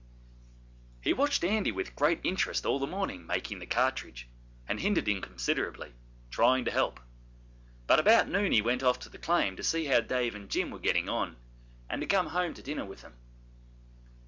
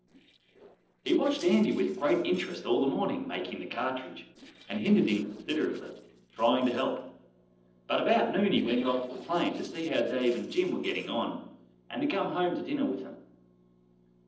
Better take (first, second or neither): first